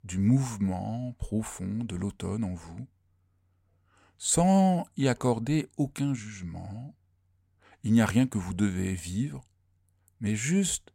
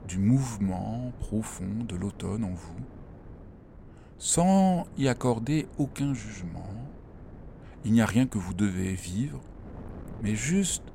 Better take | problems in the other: first | wind noise on the microphone; occasional gusts; 20 dB below the speech

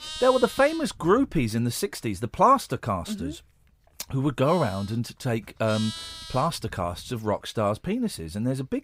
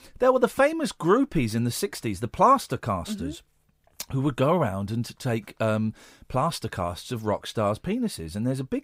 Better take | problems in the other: second | animal sounds; noticeable; throughout; 15 dB below the speech

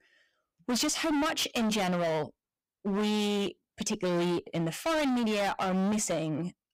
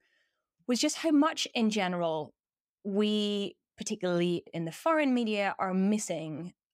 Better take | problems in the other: second | distortion; heavy; 28% of the sound clipped

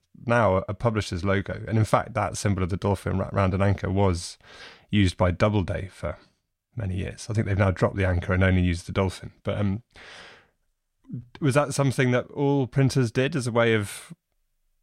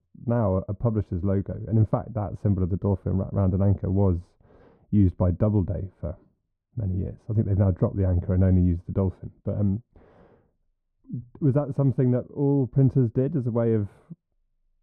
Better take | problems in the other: first | muffled; very; fading above 1 kHz

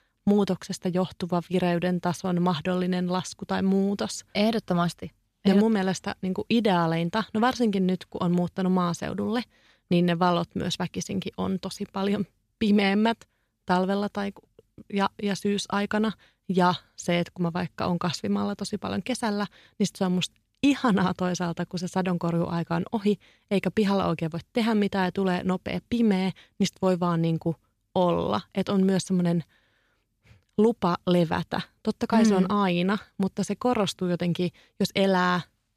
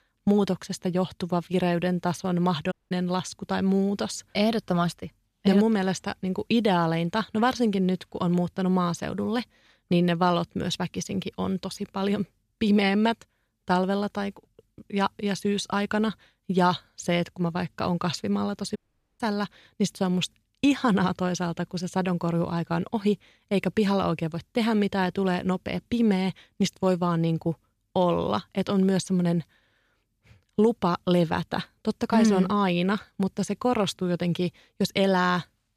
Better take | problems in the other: first | audio cutting out; at 2.5 s and at 19 s

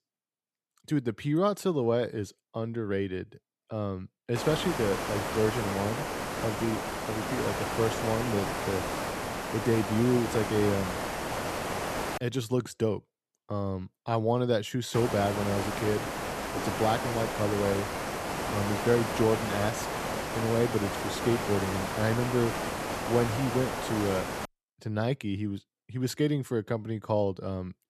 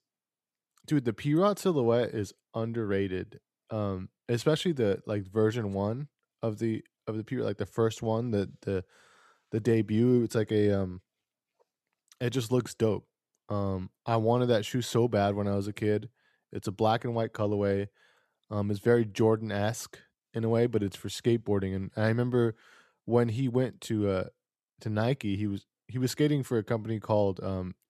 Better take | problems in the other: second | hiss; loud; from 4.5 to 12 s and from 15 to 24 s; 2 dB below the speech

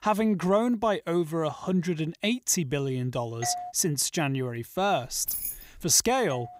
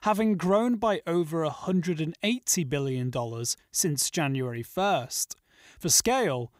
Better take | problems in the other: second | doorbell; noticeable; at 3.5 s; peak 8 dB below the speech // jangling keys; noticeable; at 5 s; peak 3 dB below the speech // doorbell; very faint; at 6.5 s; peak 15 dB below the speech

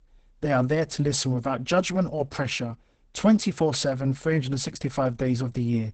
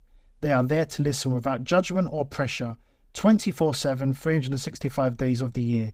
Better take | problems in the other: second | garbled, watery; badly; nothing above 8 kHz; slightly in the second

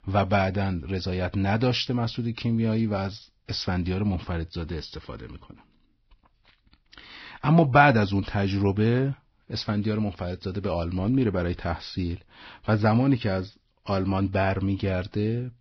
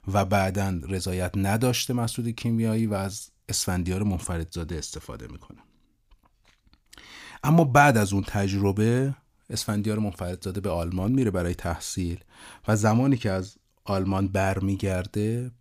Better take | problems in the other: second | garbled, watery; badly; nothing above 5.5 kHz

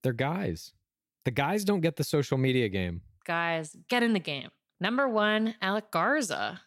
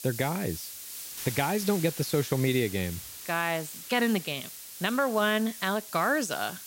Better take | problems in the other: first | hiss; loud; throughout; 10 dB below the speech

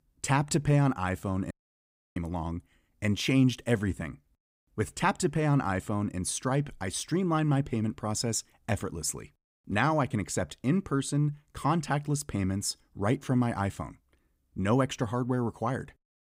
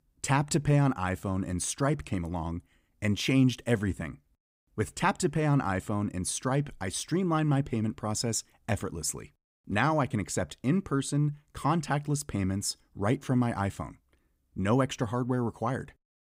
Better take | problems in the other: second | audio cutting out; at 1.5 s for 0.5 s

